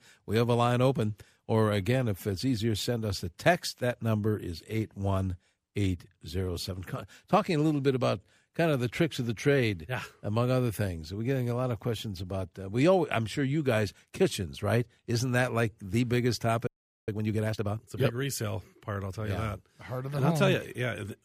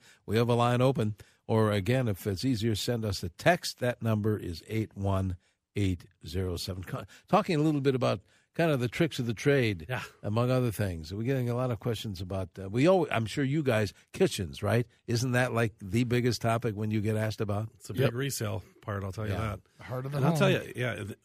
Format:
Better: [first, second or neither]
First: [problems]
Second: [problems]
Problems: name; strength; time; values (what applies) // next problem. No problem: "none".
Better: second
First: audio freezing; at 17 s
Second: none